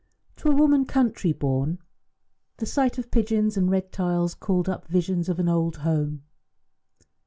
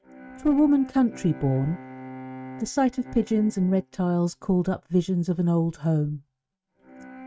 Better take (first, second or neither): first